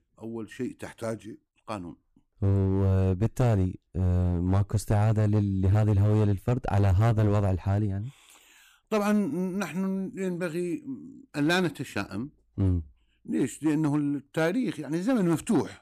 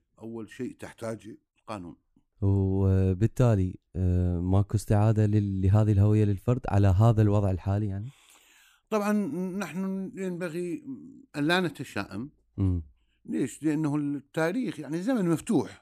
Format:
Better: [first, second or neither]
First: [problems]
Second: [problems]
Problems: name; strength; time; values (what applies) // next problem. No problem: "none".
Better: second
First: distortion; slight; 7% of the sound clipped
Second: none